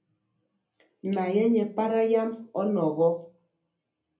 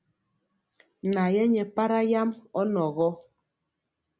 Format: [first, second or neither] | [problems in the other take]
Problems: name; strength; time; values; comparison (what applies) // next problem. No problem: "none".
second | room echo; dies away in 0.3 s